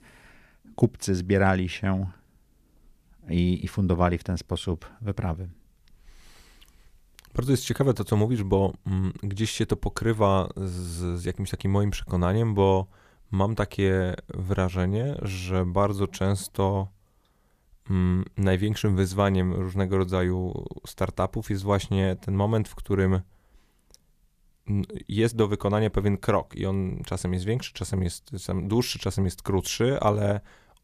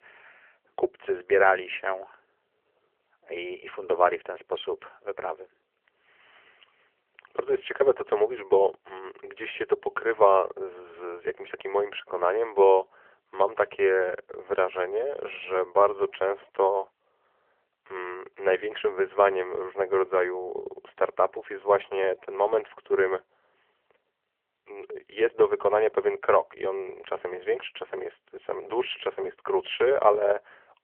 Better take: first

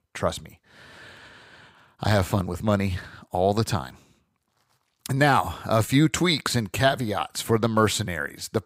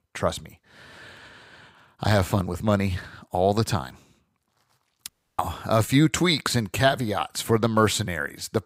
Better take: first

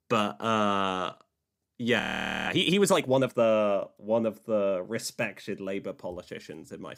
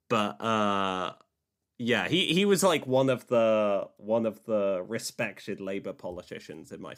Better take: second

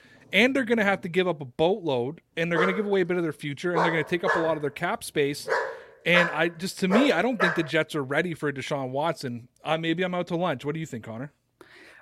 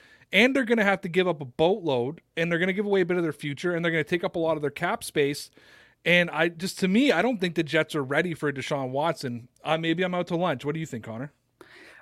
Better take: second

